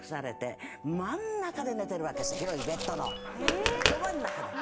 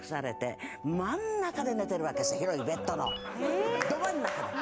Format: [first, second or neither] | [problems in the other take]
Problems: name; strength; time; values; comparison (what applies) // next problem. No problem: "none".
second | background sound (Tap); 1 dB below the speech // room echo; dies away in 0.3 s